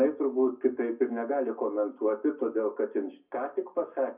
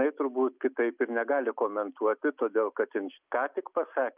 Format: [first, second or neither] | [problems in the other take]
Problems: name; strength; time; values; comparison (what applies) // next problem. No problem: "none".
second | room echo; dies away in 0.4 s